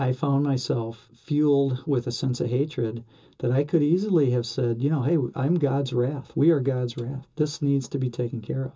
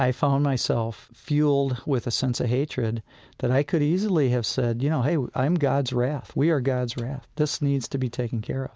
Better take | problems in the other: second | room echo; dies away in 0.2 s

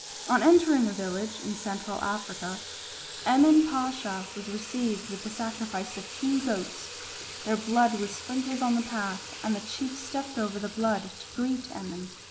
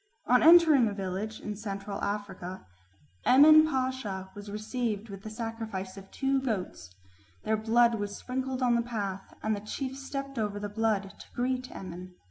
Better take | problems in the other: second | background sound (Sink (filling or washing) / Water tap, faucet); 12 dB below the speech

